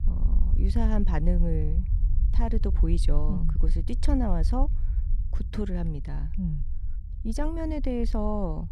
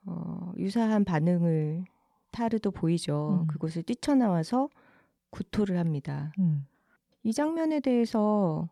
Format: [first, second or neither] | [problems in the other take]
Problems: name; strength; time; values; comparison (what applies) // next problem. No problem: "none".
second | low rumble; noticeable; throughout; 15 dB below the speech